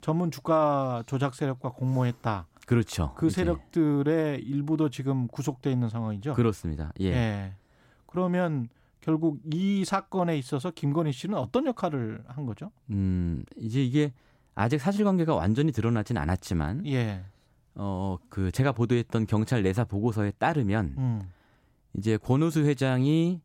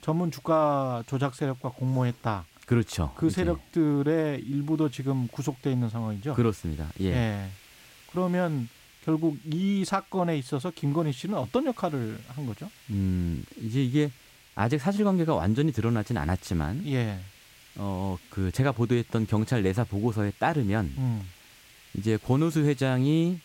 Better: first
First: none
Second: hiss; faint; throughout; 25 dB below the speech

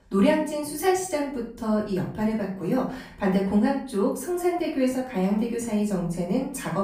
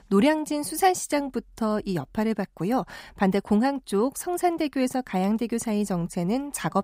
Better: second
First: off-mic speech; far // room echo; slight; dies away in 0.5 s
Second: none

